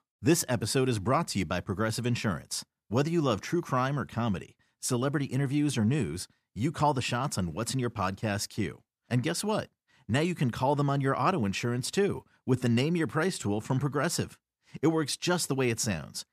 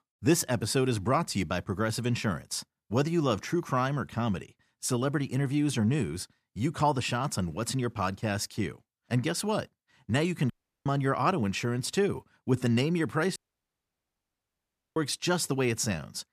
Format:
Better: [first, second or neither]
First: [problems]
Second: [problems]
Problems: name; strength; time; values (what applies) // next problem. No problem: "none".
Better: first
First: none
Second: audio cutting out; at 11 s and at 13 s for 1.5 s